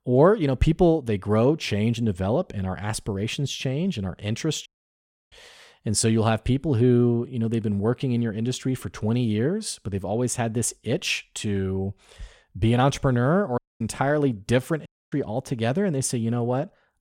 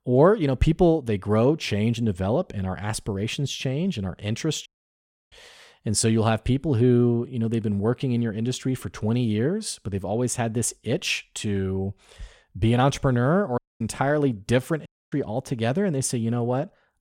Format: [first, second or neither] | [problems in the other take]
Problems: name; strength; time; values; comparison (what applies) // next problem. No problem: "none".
neither | audio cutting out; at 4.5 s for 0.5 s, at 14 s and at 15 s; the same in both